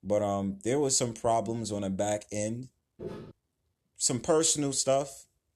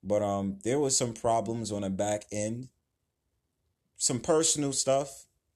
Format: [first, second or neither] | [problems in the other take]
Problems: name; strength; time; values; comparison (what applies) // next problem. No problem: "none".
second | footsteps; faint; at 3 s; peak 15 dB below the speech